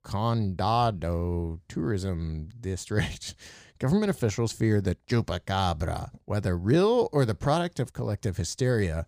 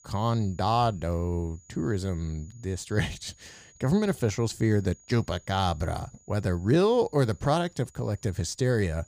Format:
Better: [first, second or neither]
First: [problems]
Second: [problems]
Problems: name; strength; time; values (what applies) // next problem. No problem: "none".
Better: first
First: none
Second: high-pitched whine; faint; throughout; 6.5 kHz, 30 dB below the speech